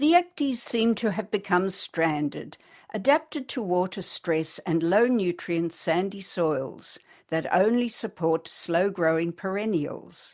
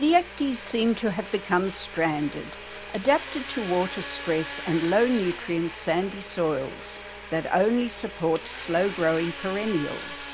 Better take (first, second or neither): first